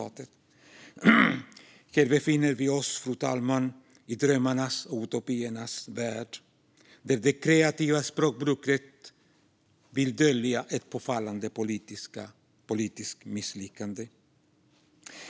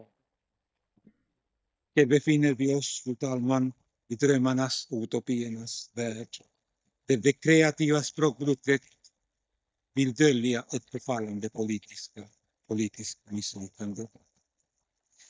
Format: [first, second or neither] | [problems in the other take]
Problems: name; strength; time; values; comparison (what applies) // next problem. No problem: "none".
first | noise reduction (neural mask model DeepFilterNet 3)